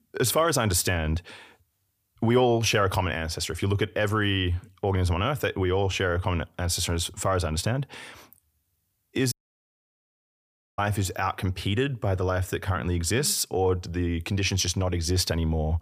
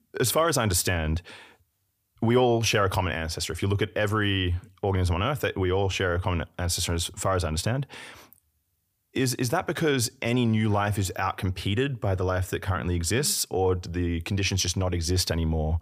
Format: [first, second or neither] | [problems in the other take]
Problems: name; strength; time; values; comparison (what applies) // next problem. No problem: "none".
second | audio cutting out; at 9.5 s for 1.5 s